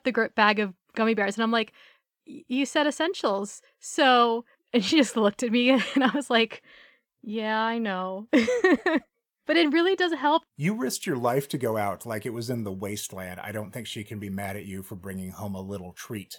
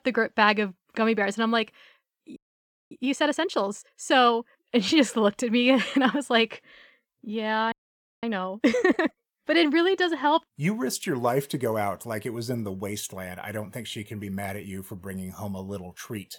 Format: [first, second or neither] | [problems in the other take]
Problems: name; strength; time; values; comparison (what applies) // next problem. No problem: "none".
first | audio freezing; at 2.5 s for 0.5 s and at 7.5 s for 0.5 s